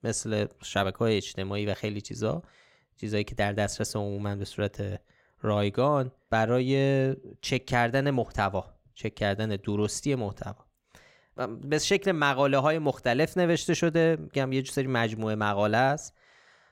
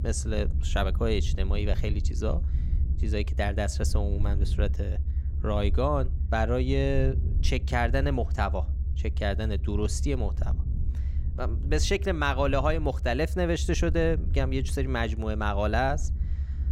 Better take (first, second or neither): first